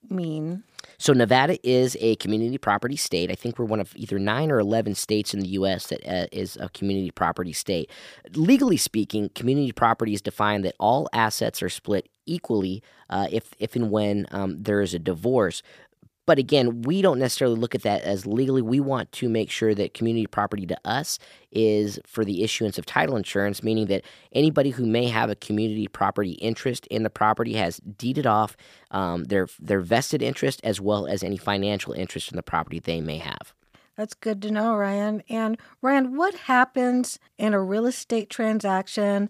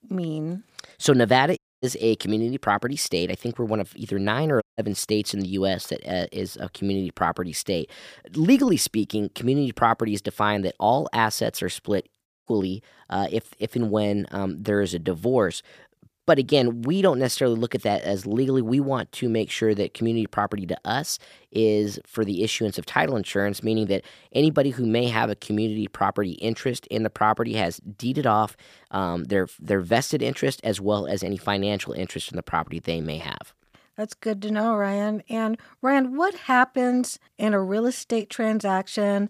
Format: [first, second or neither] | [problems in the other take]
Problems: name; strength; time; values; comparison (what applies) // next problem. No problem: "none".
first | audio cutting out; at 1.5 s, at 4.5 s and at 12 s